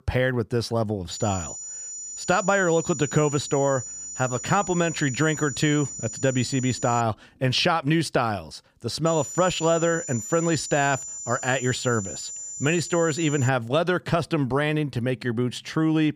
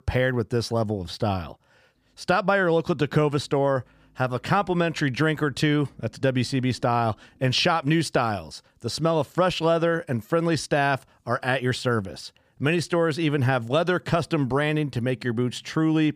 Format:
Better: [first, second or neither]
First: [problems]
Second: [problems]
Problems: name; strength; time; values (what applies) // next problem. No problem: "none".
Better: second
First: high-pitched whine; loud; from 1 to 7 s and from 9 to 13 s; 7 kHz, 9 dB below the speech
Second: none